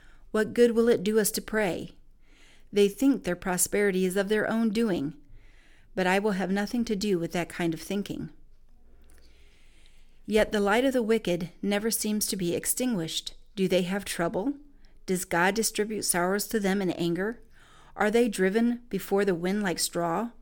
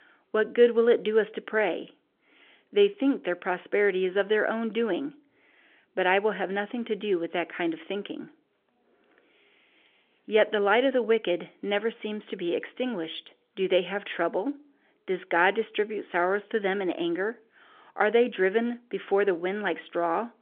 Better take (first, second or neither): first